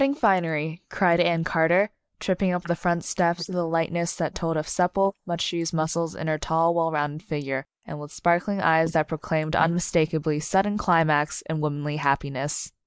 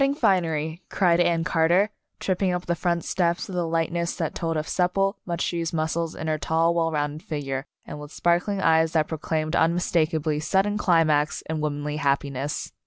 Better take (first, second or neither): second